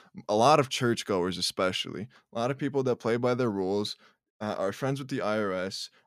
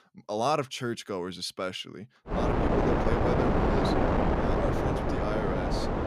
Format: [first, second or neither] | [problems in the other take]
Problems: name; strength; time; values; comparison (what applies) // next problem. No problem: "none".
first | wind noise on the microphone; heavy; from 2.5 s on; 4 dB above the speech